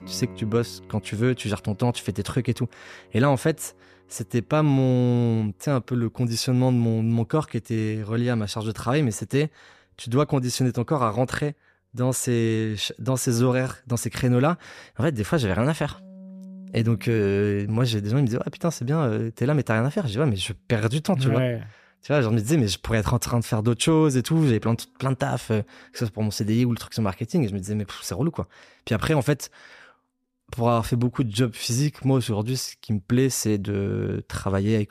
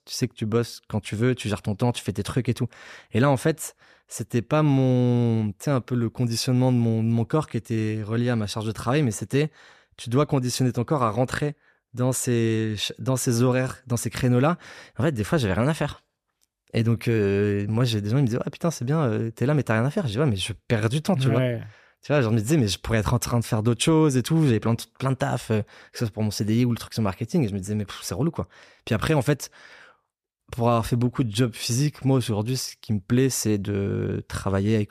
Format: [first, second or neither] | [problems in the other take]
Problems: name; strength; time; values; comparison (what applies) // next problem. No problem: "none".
second | background music; faint; throughout; 25 dB below the speech